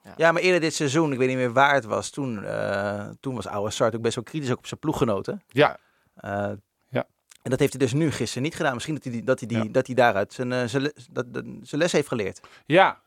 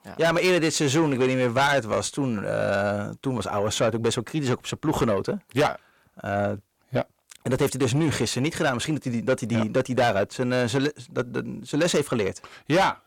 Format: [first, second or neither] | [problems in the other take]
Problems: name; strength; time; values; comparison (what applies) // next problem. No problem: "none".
first | distortion; heavy; 8 dB below the speech